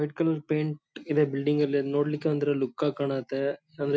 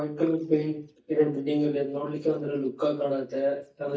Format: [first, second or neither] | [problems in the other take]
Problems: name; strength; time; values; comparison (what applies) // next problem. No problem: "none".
first | noise reduction (neural mask model DeepFilterNet 3)